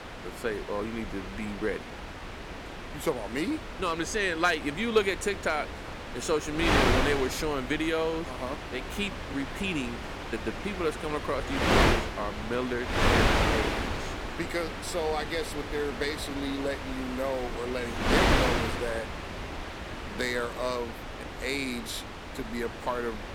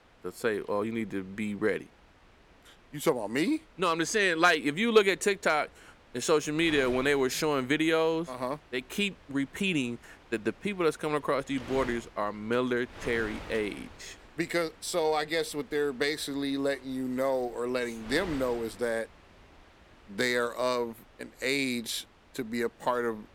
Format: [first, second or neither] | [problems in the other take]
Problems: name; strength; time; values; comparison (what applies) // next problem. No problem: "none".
second | wind noise on the microphone; heavy; as loud as the speech; occasional gusts in the second